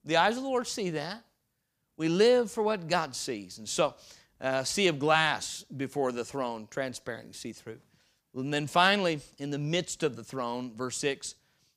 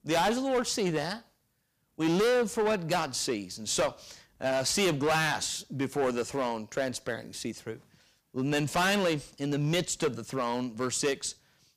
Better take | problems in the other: first | distortion; heavy; 10% of the sound clipped

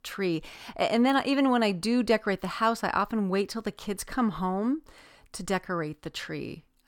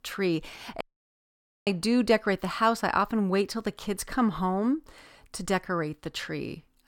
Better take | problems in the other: first | audio cutting out; at 1 s for 1 s

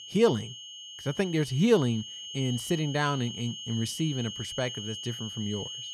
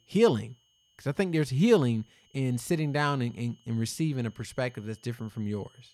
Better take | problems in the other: second | high-pitched whine; loud; throughout; 3 kHz, 8 dB below the speech; faint in the second

